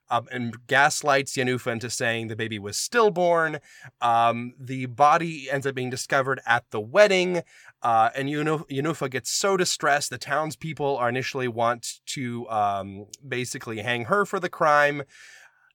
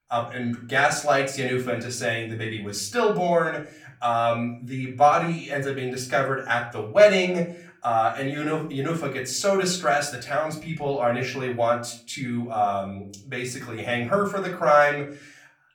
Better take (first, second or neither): first